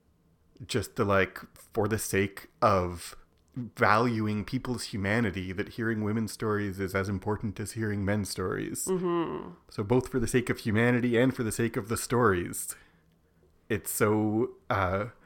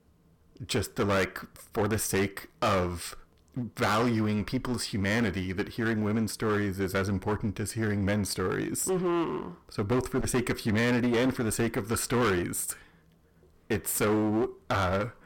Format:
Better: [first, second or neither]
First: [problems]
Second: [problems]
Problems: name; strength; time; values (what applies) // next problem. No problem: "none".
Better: first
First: none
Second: distortion; heavy; 14% of the sound clipped